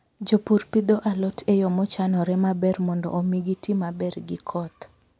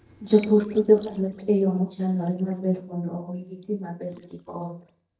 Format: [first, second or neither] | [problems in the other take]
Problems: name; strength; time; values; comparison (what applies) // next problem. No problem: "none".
first | noise reduction (neural mask model DeepFilterNet 3)